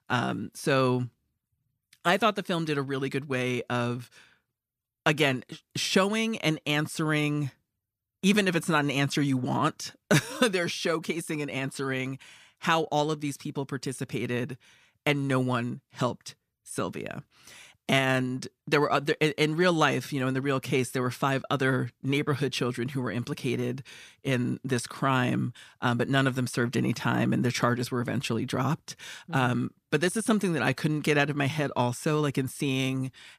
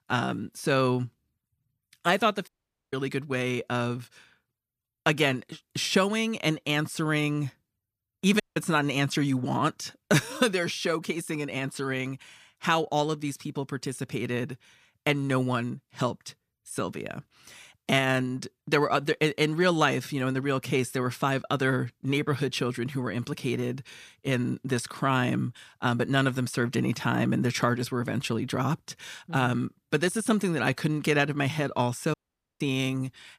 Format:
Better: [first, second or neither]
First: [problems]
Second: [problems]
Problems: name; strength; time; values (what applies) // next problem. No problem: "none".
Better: first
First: none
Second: audio cutting out; at 2.5 s, at 8.5 s and at 32 s